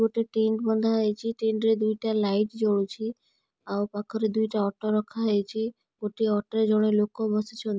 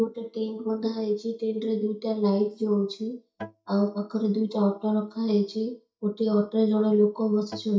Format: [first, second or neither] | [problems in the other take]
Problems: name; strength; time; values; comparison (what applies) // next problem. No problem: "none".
first | noise reduction (neural mask model DeepFilterNet 3)